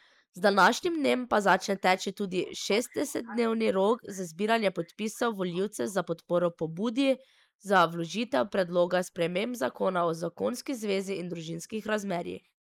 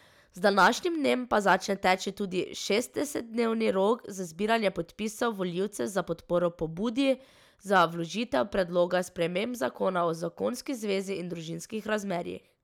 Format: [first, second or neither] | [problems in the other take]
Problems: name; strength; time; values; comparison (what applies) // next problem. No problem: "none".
second | noise reduction (neural mask model Resemble Enhance denoiser)